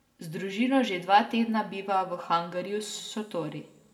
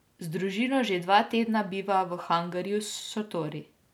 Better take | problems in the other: second | room echo; dies away in 1.5 s

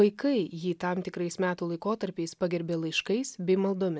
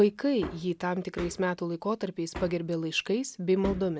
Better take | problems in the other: first | background sound (Hammer); 15 dB below the speech

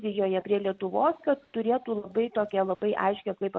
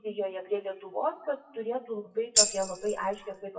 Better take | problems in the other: first | noise reduction (classical method WPE with log-MMSE)

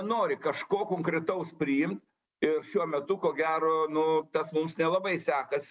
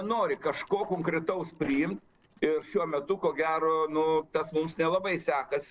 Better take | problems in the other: first | noise reduction (neural separator model SepFormer DNS4)

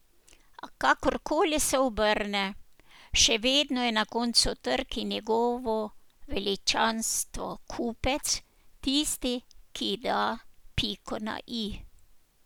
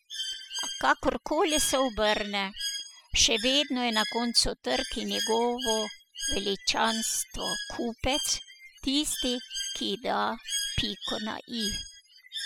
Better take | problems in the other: first | noise reduction (classical method spectral subtraction)

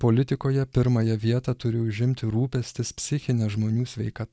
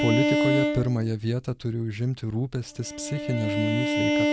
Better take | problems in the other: first | background sound (Bowed string instrument); 1 dB above the speech

